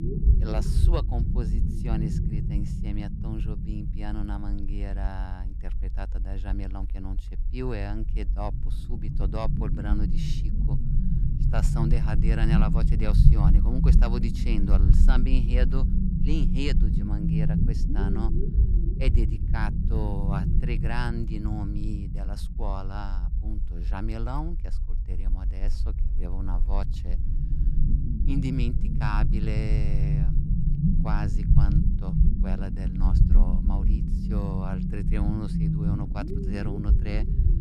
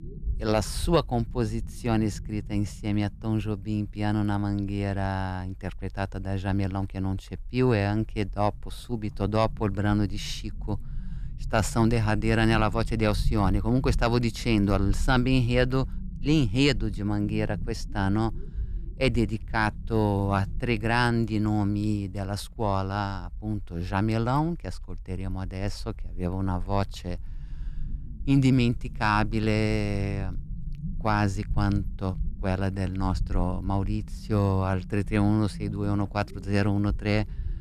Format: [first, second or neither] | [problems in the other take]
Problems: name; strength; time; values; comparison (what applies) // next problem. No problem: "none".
second | low rumble; loud; throughout; 1 dB below the speech; faint in the second